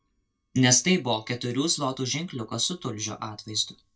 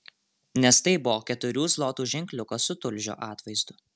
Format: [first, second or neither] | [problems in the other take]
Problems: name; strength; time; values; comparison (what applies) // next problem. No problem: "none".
second | noise reduction (neural mask model DeepFilterNet 3)